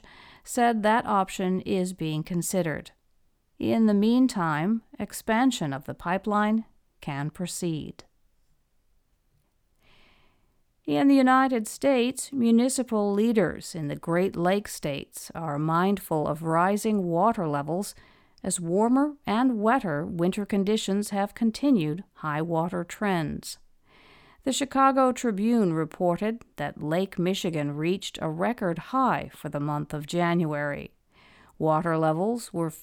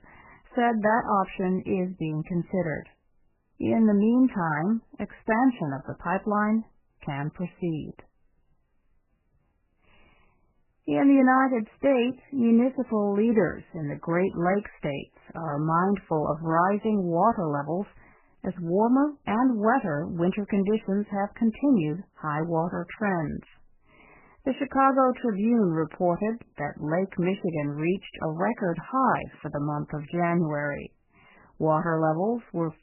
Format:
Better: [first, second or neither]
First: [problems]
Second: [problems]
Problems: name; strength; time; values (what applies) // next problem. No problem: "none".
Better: first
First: none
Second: garbled, watery; badly; nothing above 3 kHz